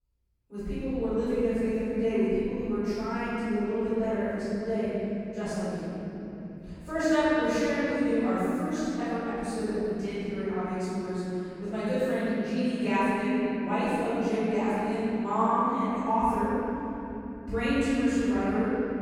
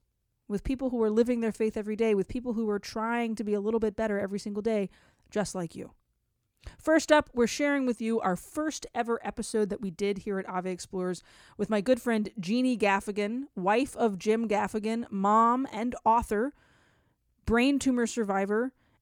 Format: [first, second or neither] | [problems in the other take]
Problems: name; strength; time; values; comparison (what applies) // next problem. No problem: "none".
second | off-mic speech; far // room echo; strong; dies away in 3 s